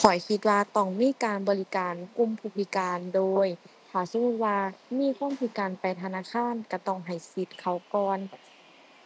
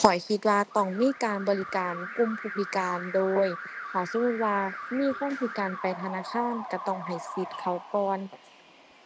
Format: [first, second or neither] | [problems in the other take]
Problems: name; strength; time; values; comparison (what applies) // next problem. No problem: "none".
first | background sound (Alarm); 11 dB below the speech